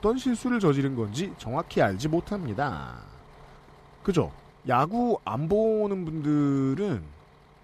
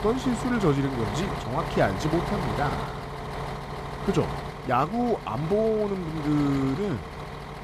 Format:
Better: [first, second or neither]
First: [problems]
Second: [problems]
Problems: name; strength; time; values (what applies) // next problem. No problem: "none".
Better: first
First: traffic noise; faint; throughout; 25 dB below the speech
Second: traffic noise; loud; throughout; 6 dB below the speech